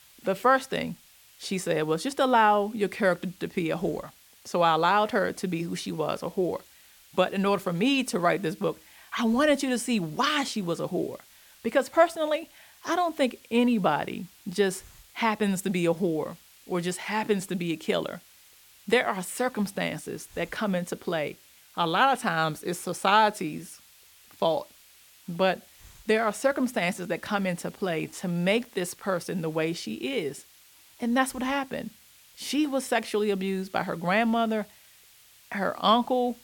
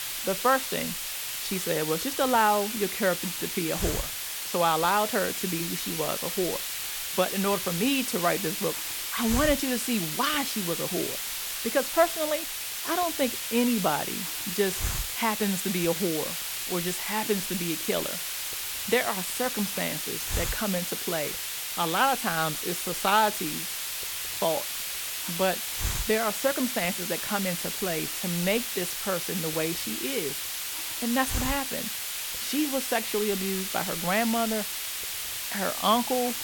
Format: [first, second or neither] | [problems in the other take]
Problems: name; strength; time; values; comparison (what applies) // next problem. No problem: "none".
first | hiss; loud; throughout; 1 dB below the speech; faint in the first